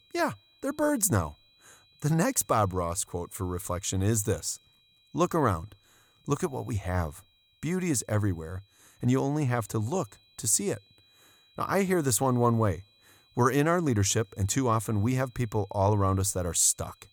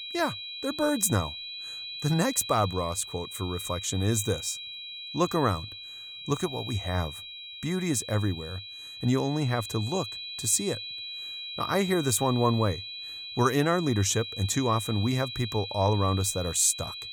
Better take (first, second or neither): first